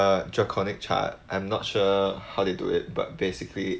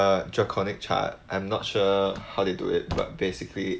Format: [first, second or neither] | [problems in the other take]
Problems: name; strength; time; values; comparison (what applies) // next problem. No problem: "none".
first | background sound (Slam); 15 dB below the speech